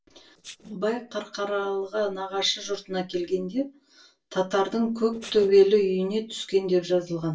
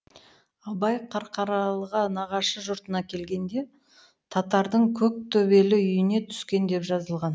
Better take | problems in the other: second | noise reduction (neural separator model SepFormer DNS4)

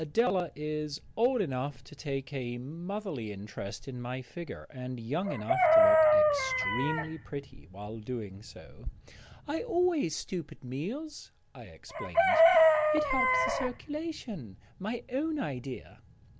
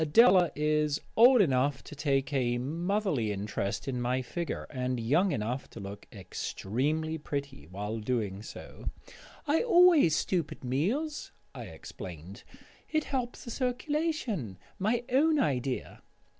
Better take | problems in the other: second | background sound (Chicken, rooster); 3 dB above the speech

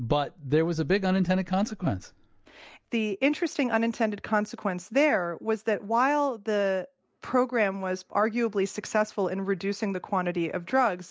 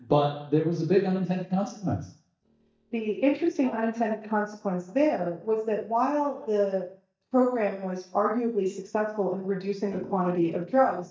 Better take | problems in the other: first | noise reduction (neural mask model DeepFilterNet 3)

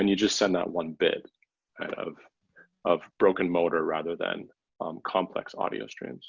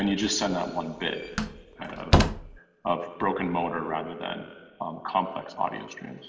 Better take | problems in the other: first | background sound (Slam); 3 dB above the speech // room echo; dies away in 2.2 s

